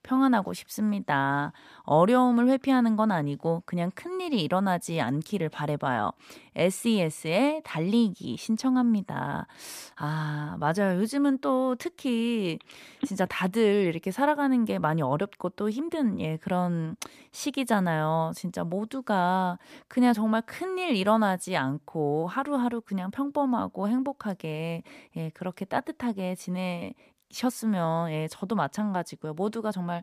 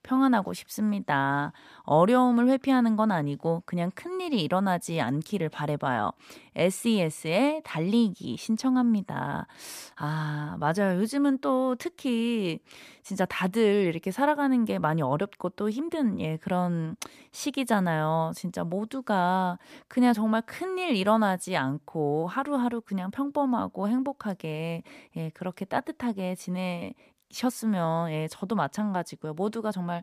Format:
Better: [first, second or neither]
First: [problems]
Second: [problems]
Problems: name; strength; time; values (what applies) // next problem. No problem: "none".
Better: second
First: phone ringing; noticeable; at 13 s; peak 9 dB below the speech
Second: none